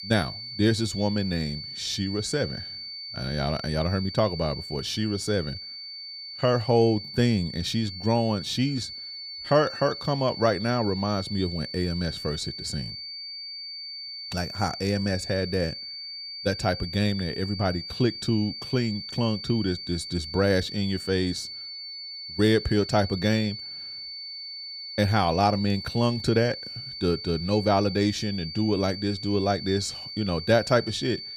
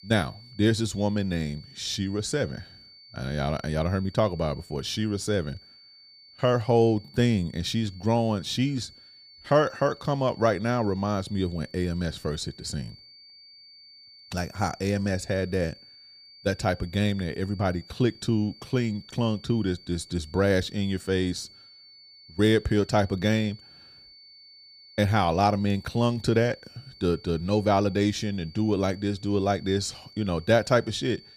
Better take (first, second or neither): second